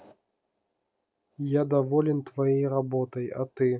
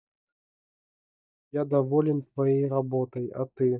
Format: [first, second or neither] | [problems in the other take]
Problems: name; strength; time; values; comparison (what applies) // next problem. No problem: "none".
first | noise reduction (neural mask model DeepFilterNet 3)